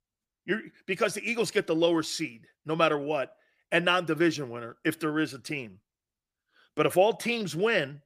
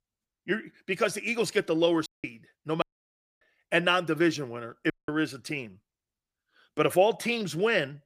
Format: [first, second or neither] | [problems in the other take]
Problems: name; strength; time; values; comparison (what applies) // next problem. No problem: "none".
first | audio cutting out; at 2 s, at 3 s for 0.5 s and at 5 s